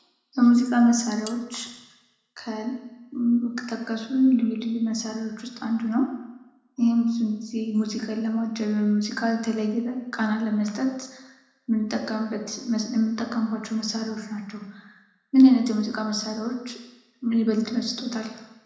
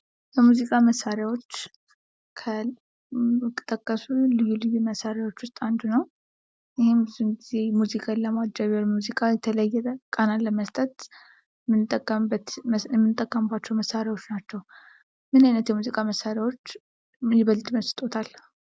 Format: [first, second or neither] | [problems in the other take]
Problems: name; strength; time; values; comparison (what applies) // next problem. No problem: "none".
second | background sound (Cutlery, silverware); 20 dB below the speech // room echo; dies away in 0.9 s